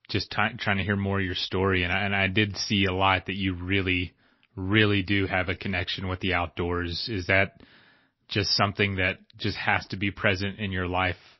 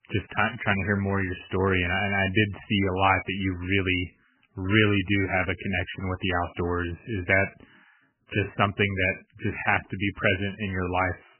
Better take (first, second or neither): first